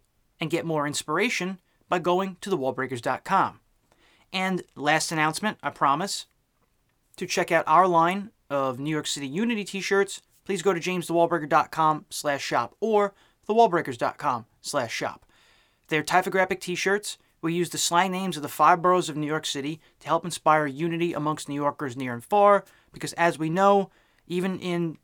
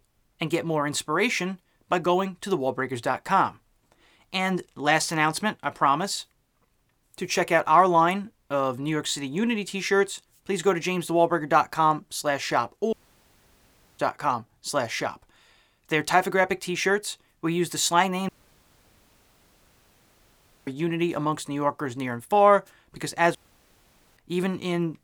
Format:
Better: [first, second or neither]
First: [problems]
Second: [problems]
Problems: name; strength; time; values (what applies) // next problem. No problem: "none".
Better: first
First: none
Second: audio cutting out; at 13 s for 1 s, at 18 s for 2.5 s and at 23 s for 1 s